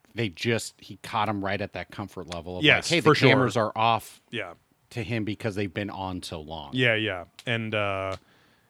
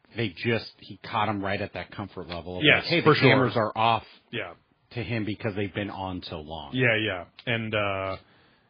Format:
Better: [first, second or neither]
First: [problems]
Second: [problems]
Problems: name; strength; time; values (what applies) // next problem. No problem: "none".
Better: first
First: none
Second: garbled, watery; badly